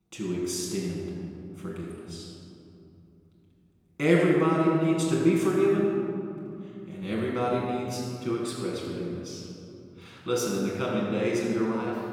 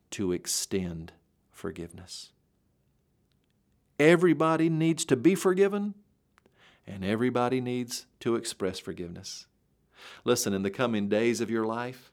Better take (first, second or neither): second